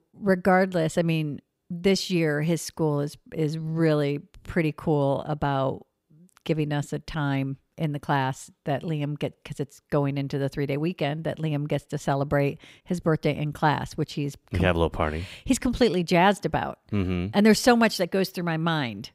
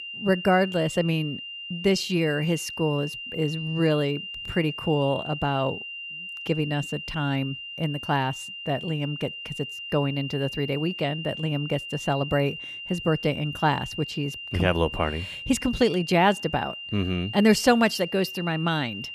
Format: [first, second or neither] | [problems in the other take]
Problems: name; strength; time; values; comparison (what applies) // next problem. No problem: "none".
first | high-pitched whine; loud; throughout; 3 kHz, 8 dB below the speech